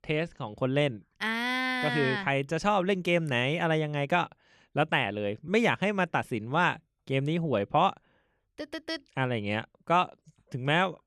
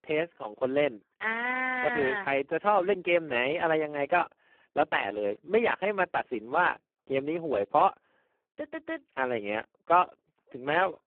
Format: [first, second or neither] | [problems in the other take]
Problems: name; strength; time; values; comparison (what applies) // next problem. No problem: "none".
first | phone-call audio; poor line